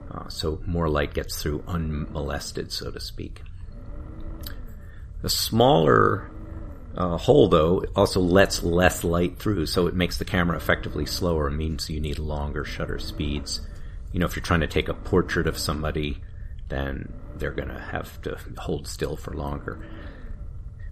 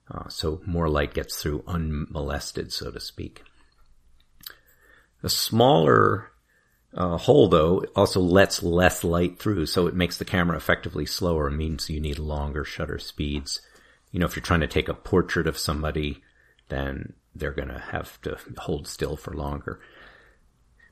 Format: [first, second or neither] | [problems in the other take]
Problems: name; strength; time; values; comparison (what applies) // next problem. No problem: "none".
second | low rumble; faint; throughout; 25 dB below the speech